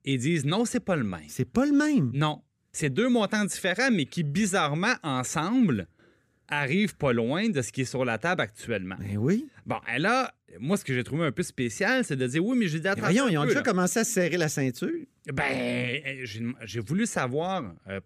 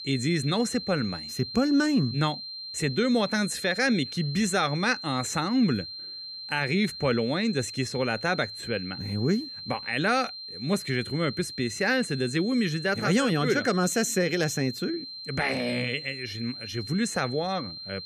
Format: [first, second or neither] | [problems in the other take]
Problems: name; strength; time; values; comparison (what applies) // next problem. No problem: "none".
first | high-pitched whine; loud; throughout; 4 kHz, 9 dB below the speech